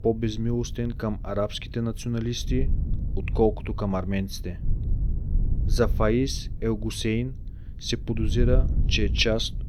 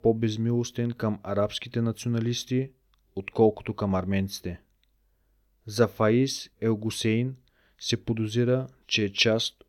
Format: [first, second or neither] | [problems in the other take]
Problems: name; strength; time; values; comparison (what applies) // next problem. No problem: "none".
second | wind noise on the microphone; occasional gusts; 20 dB below the speech